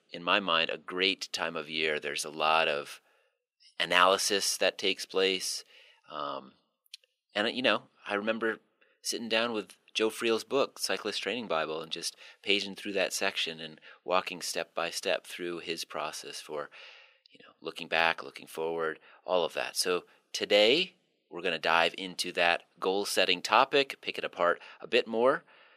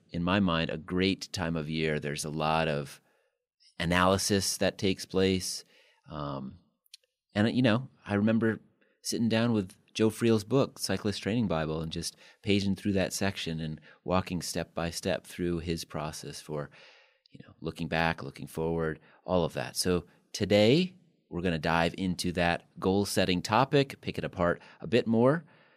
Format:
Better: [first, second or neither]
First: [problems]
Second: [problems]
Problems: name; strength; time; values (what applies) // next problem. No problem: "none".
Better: second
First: thin; somewhat; fading below 500 Hz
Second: none